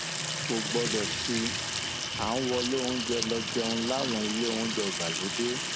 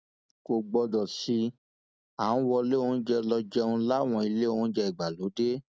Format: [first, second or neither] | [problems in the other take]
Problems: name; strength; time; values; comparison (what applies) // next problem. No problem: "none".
second | background sound (Sink (filling or washing) / Water tap, faucet); as loud as the speech